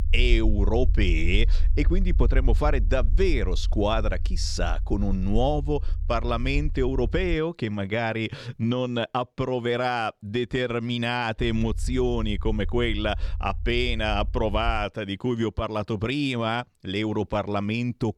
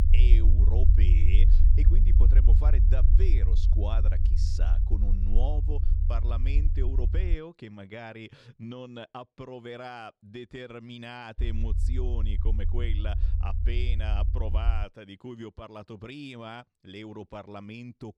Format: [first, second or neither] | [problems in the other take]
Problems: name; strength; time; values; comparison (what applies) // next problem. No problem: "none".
first | low rumble; loud; until 7.5 s and from 11 to 15 s; 4 dB below the speech; faint in the first